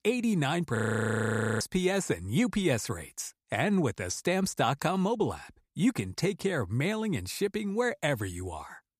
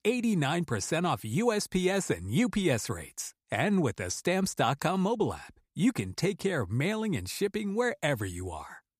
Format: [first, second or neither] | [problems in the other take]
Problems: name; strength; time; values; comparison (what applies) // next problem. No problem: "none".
second | audio freezing; at 1 s for 1 s